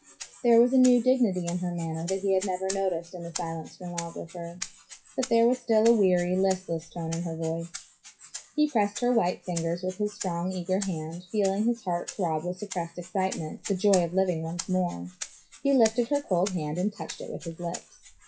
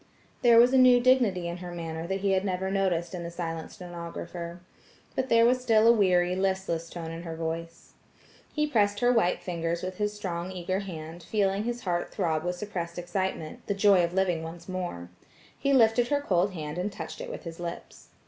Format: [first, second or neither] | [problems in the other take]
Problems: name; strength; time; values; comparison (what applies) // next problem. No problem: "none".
second | noise reduction (classical method WPE with log-MMSE)